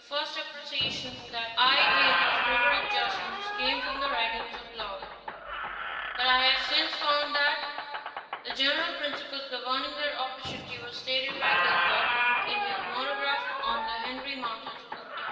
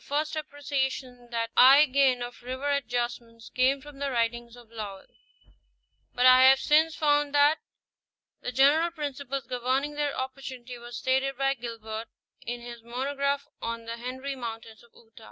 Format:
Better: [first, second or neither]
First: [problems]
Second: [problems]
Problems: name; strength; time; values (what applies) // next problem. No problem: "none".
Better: second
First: background sound (Squeak); 1 dB below the speech // room echo; dies away in 2.3 s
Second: none